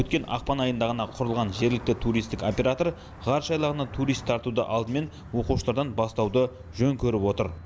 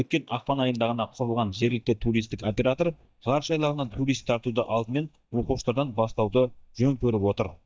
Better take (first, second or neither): first